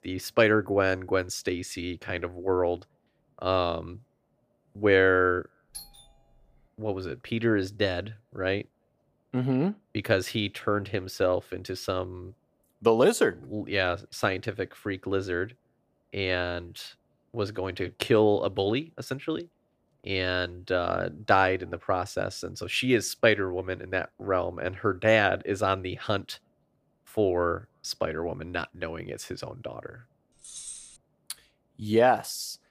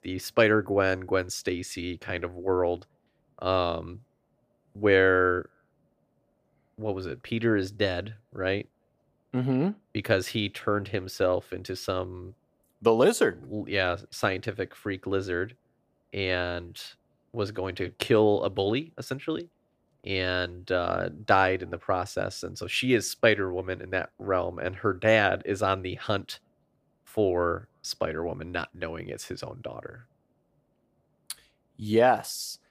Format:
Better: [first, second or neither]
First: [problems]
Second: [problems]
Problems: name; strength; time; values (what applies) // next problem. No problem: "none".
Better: second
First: doorbell; faint; at 5.5 s; peak 15 dB below the speech // jangling keys; faint; at 30 s; peak 10 dB below the speech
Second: none